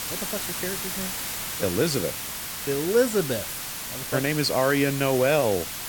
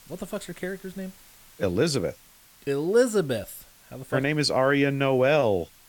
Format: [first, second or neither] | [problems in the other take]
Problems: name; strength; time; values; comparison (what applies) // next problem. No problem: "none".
second | hiss; loud; throughout; 5 dB below the speech; faint in the second